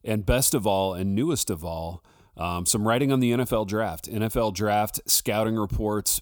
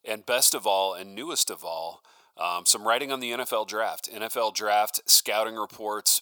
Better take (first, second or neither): first